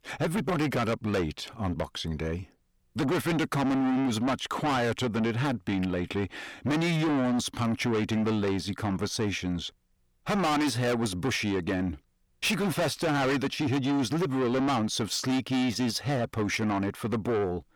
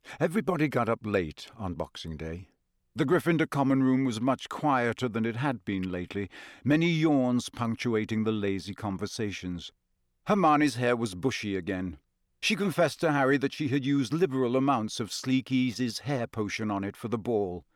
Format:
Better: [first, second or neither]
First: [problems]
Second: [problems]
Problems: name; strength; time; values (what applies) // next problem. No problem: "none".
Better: second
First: distortion; heavy; 6 dB below the speech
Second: none